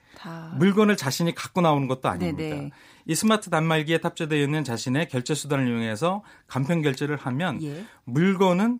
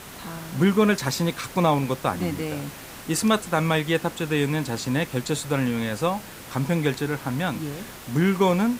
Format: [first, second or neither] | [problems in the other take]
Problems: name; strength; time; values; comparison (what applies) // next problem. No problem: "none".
first | hiss; noticeable; throughout; 15 dB below the speech